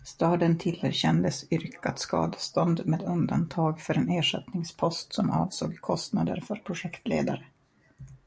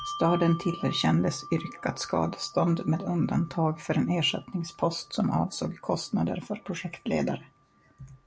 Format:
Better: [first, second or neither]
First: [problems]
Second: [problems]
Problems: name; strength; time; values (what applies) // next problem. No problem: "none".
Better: first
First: none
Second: background sound (Bell); 16 dB below the speech